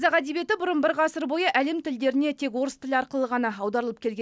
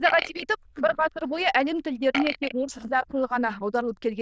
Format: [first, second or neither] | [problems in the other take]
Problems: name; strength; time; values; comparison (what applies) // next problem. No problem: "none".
first | noise reduction (neural diffusion model UNIVERSE++)